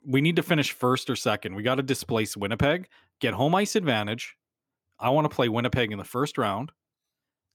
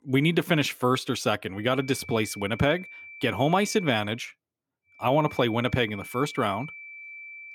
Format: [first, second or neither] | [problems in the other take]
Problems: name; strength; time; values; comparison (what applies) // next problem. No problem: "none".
first | high-pitched whine; noticeable; from 1.5 to 4 s and from 5 s on; 2.5 kHz, 15 dB below the speech